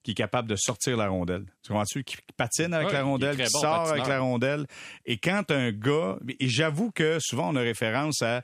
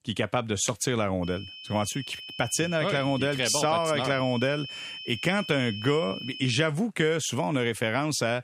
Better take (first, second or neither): first